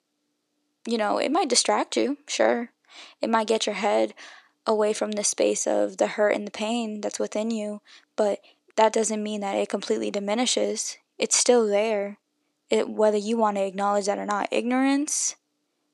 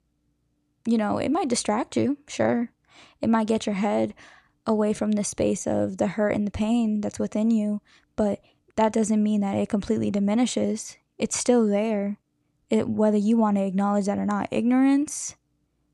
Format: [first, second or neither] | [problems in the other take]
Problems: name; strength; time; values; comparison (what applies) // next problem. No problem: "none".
second | thin; somewhat; fading below 350 Hz